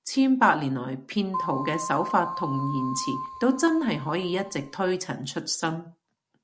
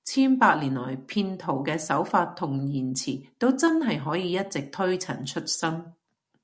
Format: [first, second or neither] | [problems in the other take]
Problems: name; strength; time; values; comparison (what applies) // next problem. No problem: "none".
second | background sound (Keyboard (musical)); 8 dB below the speech